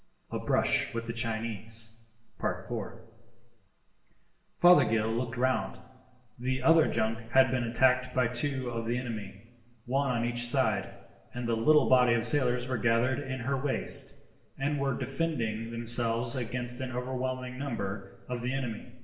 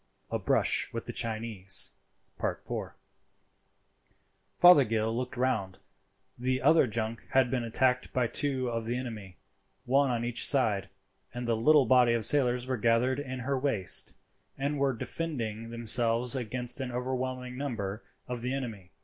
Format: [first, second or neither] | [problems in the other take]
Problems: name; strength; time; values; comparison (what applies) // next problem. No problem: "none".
second | room echo; dies away in 1.1 s